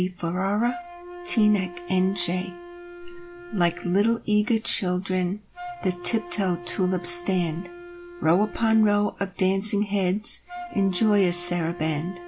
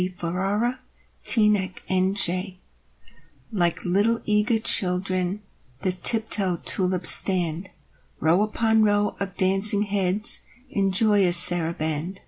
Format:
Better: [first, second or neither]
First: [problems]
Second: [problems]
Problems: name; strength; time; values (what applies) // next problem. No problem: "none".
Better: second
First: background sound (Wind instrument, woodwind instrument); 15 dB below the speech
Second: none